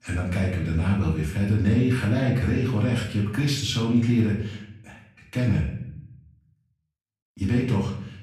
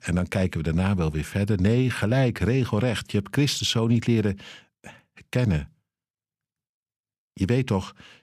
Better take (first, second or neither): second